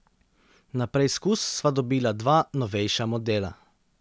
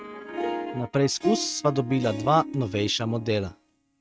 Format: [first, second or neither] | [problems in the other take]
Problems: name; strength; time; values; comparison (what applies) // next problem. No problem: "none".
first | noise reduction (neural mask model RNNoise)